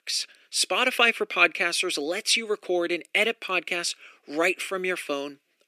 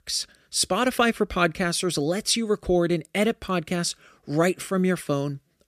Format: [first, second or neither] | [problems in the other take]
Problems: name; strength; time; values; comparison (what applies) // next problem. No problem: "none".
second | thin; somewhat; fading below 300 Hz